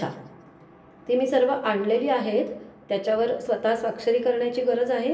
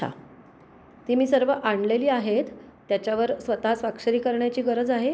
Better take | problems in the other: second | room echo; dies away in 0.7 s

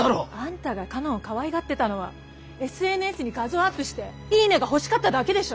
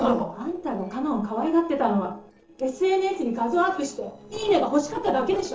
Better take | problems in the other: first | noise reduction (neural separator model SepFormer DNS4)

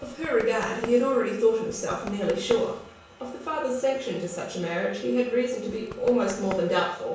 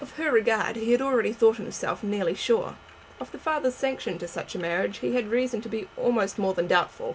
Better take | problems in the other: second | background sound (Run); 15 dB below the speech // room echo; dies away in 0.7 s

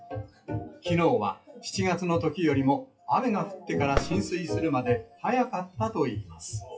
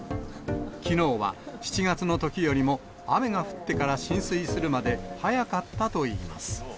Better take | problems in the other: second | noise reduction (classical method WPE with log-MMSE)

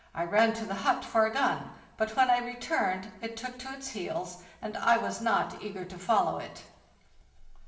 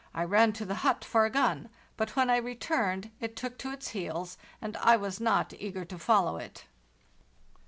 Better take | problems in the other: second | room echo; dies away in 0.7 s

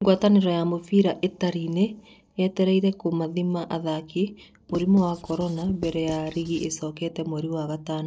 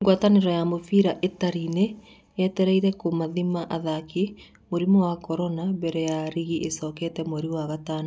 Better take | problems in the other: second | noise reduction (neural separator model SepFormer DNS4)

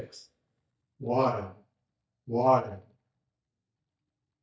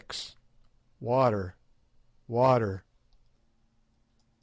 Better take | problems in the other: second | noise reduction (neural mask model DeepFilterNet 3)

